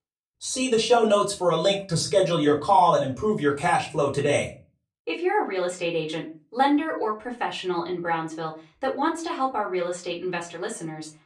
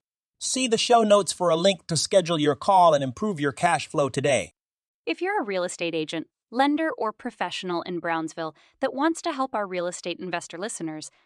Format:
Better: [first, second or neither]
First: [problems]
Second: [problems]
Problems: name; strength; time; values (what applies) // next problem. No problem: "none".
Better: second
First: off-mic speech; far // room echo; very slight; dies away in 0.3 s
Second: none